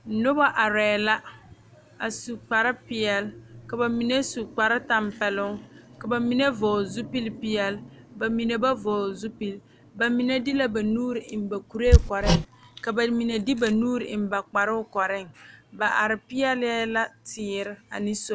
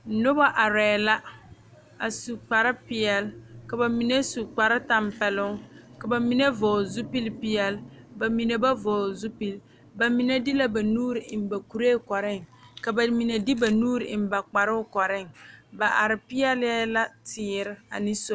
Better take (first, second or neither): second